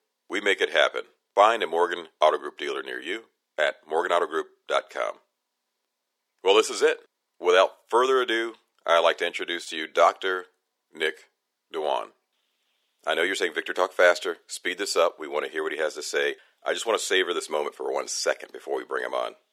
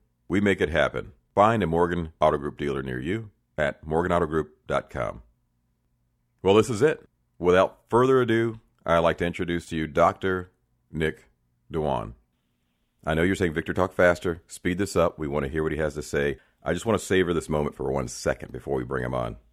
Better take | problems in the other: second | thin; very; fading below 400 Hz

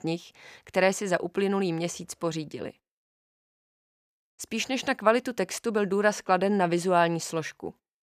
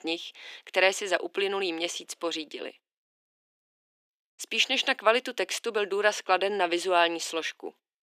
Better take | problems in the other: first | thin; somewhat; fading below 300 Hz

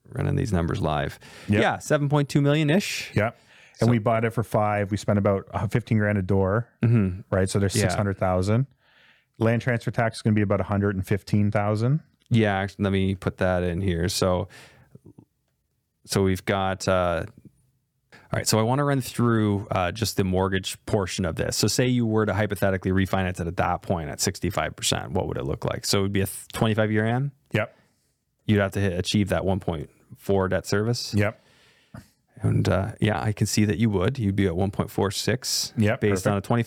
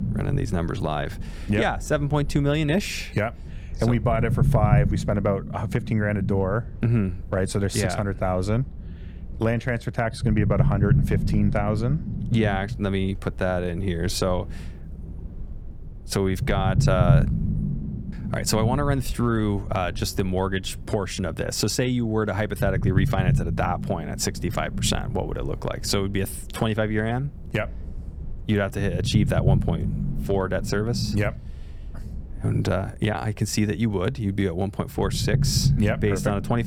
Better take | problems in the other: first | low rumble; noticeable; throughout; 10 dB below the speech

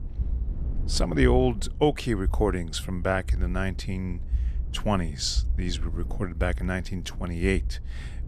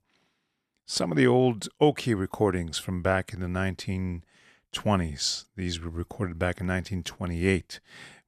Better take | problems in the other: second | low rumble; faint; throughout; 20 dB below the speech

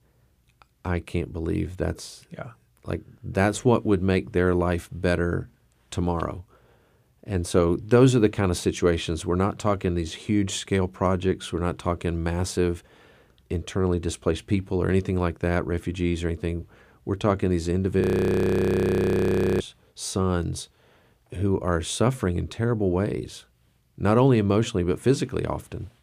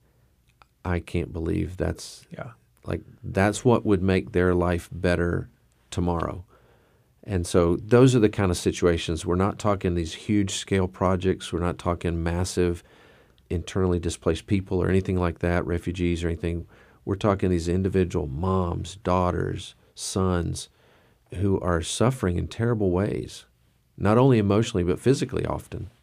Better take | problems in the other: second | audio freezing; at 18 s for 1.5 s

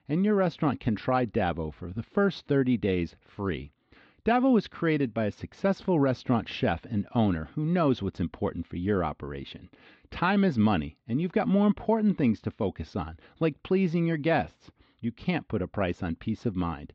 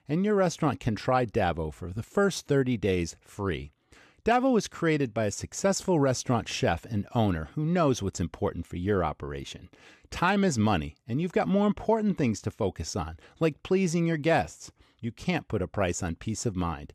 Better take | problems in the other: second | muffled; slightly; fading above 4 kHz

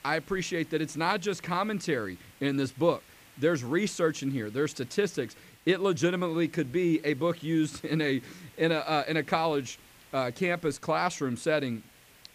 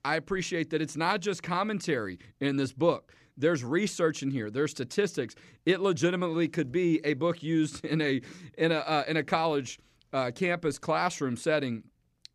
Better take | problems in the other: second | hiss; faint; throughout; 25 dB below the speech

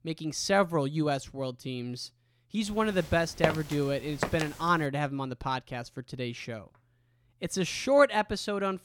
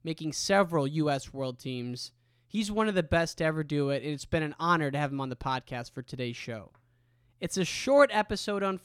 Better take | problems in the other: second | footsteps; noticeable; at 3.5 s; peak 1 dB below the speech

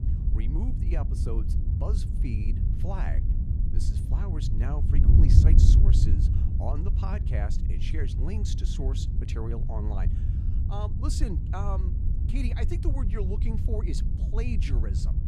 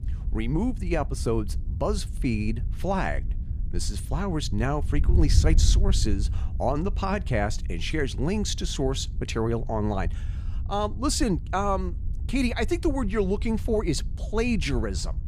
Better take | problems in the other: second | wind noise on the microphone; heavy; 2 dB below the speech; occasional gusts in the second

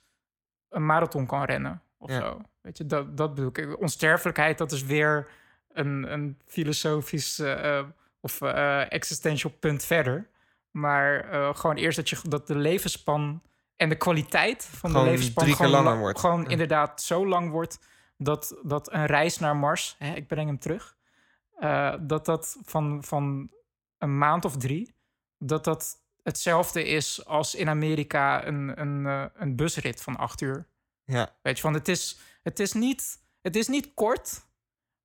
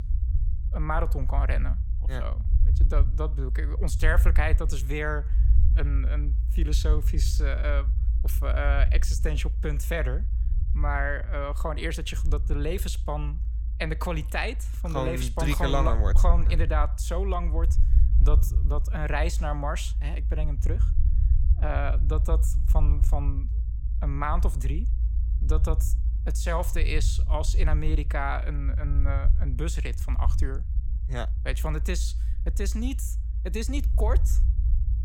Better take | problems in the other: first | low rumble; noticeable; throughout; 15 dB below the speech

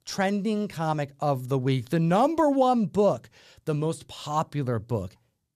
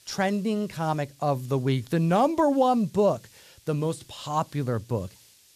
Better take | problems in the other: first | hiss; faint; throughout; 25 dB below the speech

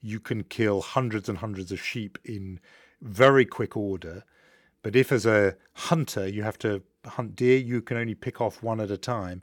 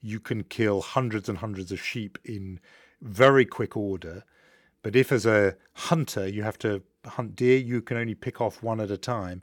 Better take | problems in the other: neither | none

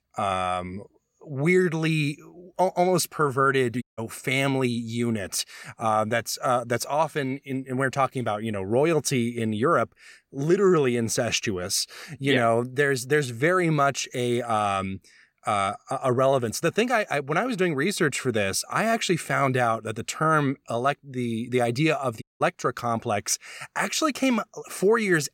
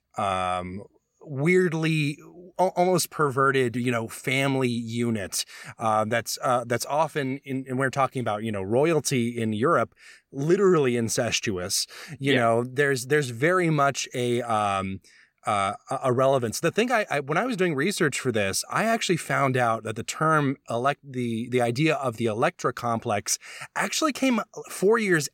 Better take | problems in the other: second | audio cutting out; at 4 s and at 22 s

